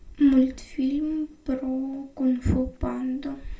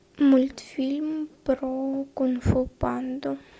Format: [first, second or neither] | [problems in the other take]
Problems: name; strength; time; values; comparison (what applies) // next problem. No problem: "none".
second | background sound (Bird); 19 dB below the speech // room echo; dies away in 0.2 s